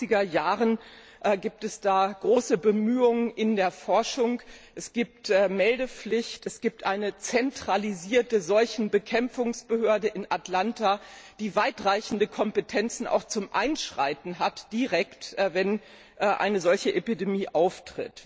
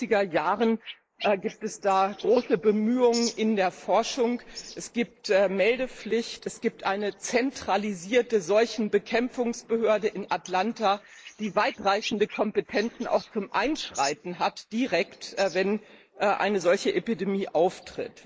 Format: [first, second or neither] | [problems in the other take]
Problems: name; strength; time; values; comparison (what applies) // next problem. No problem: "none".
first | noise reduction (neural mask model Resemble Enhance denoiser)